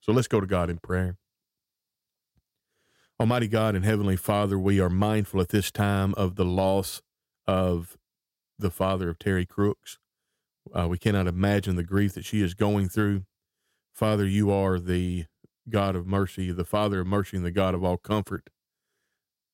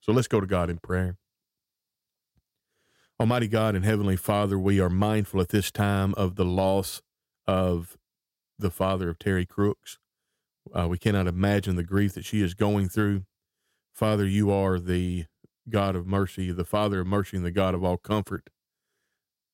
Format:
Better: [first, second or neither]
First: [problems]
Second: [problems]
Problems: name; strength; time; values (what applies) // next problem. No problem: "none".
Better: neither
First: none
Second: none